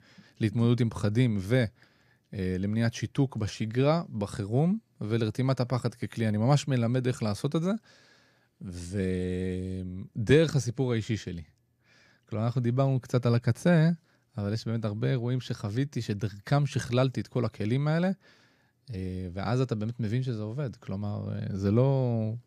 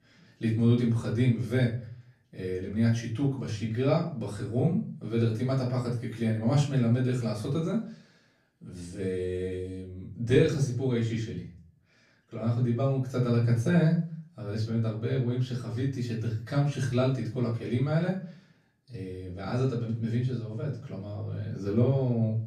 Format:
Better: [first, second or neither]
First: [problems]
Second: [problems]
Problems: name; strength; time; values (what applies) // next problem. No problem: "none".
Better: first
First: none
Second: off-mic speech; far // room echo; slight; dies away in 0.4 s